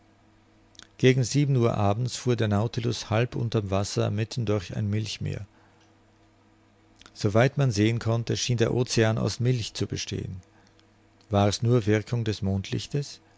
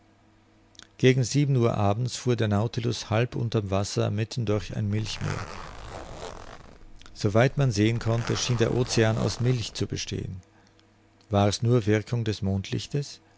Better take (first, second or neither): first